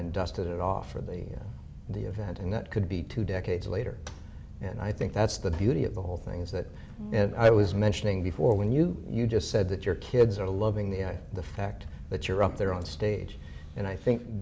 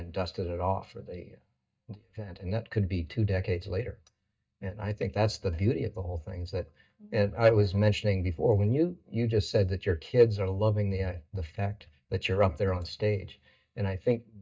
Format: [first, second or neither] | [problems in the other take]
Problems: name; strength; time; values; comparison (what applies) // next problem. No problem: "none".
first | noise reduction (neural mask model DeepFilterNet 3)